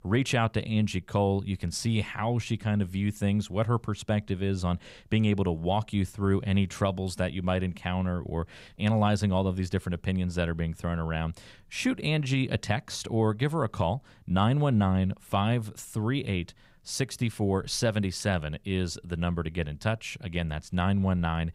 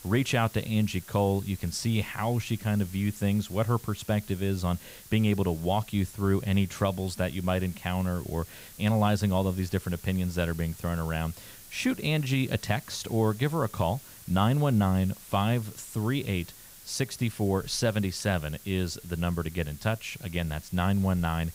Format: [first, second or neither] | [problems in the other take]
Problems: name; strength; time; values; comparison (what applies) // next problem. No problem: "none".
first | hiss; noticeable; throughout; 20 dB below the speech